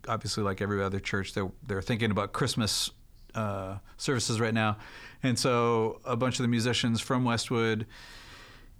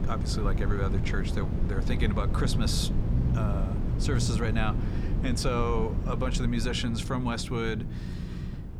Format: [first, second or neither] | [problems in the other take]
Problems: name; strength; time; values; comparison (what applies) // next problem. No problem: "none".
first | low rumble; loud; throughout; 7 dB below the speech